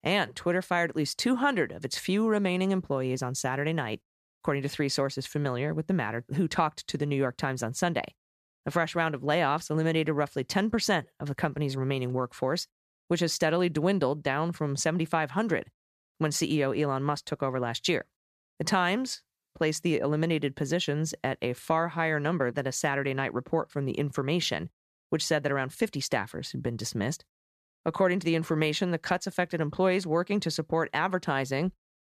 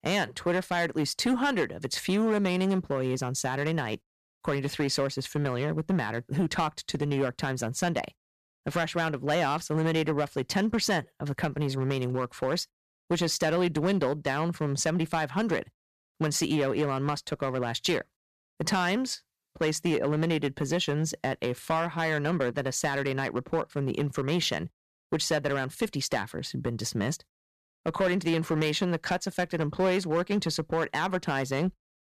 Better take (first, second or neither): first